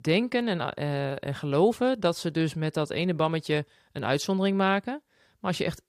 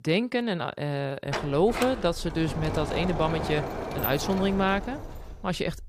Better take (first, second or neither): first